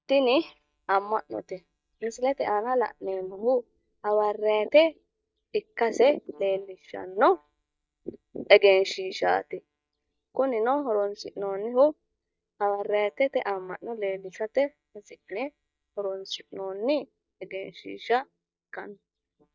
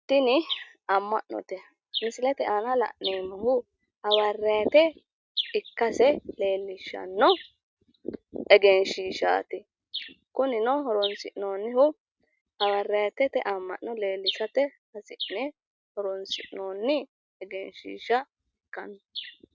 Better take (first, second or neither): second